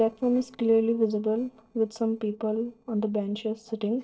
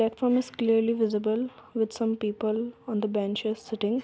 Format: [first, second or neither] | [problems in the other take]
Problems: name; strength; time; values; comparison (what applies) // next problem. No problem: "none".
second | noise reduction (neural separator model SepFormer DNS4)